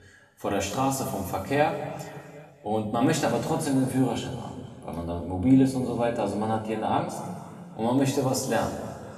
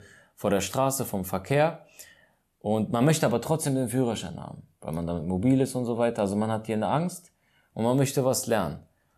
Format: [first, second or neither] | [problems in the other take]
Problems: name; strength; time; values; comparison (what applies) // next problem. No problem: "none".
second | room echo; noticeable; dies away in 2.1 s // off-mic speech; far